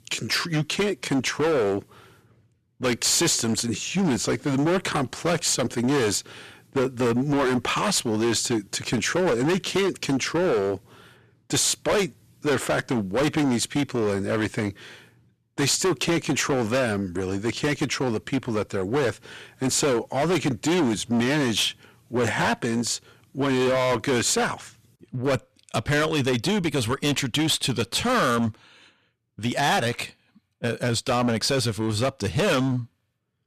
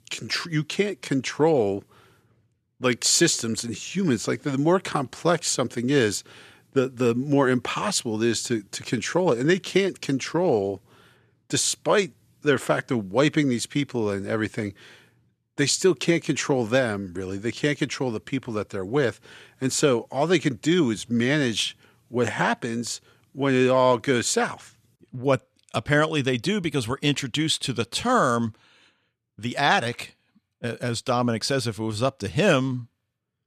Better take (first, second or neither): second